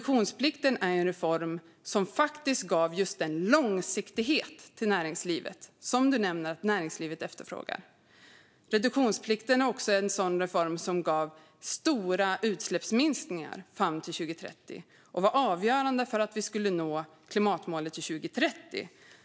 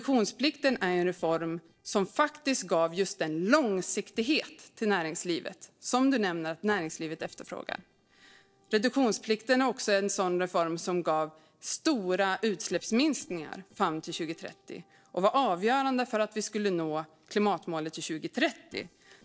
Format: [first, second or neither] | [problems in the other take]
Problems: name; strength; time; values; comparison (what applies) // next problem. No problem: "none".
first | noise reduction (neural separator model SepFormer DNS4)